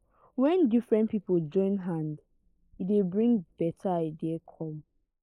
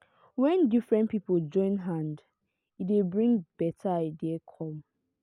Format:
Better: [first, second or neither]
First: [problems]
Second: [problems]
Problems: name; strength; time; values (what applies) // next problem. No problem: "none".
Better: second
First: noise reduction (neural mask model Resemble Enhance denoiser)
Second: none